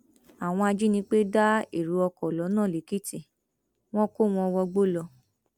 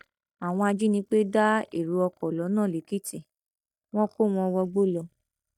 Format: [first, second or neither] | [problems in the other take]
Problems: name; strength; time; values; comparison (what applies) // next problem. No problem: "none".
first | noise reduction (neural mask model DeepFilterNet 3)